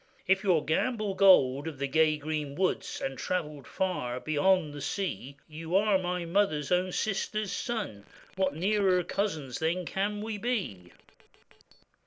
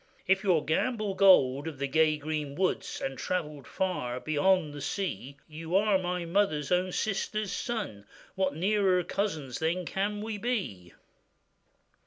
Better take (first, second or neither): second